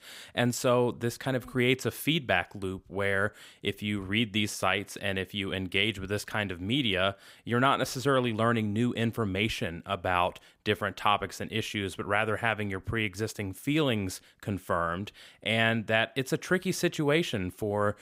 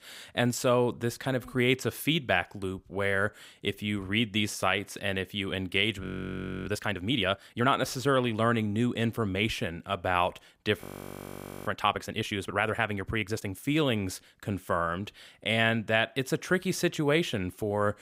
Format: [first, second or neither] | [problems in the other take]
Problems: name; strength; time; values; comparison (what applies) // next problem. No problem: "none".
first | audio freezing; at 6 s for 0.5 s and at 11 s for 1 s